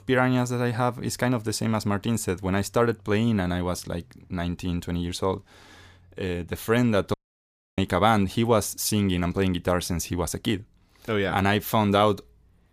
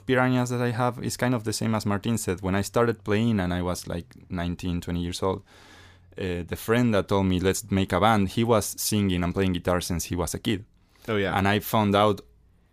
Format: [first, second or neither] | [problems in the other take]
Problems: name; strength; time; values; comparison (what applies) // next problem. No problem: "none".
second | audio cutting out; at 7 s for 0.5 s